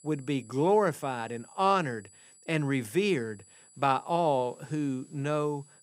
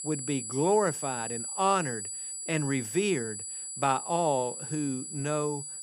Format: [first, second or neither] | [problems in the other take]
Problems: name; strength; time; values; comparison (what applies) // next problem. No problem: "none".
first | high-pitched whine; loud; throughout; 8 kHz, 5 dB below the speech; faint in the first